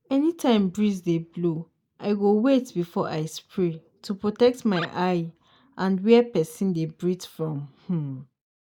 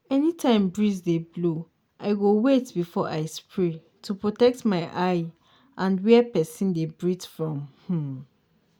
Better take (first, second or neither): second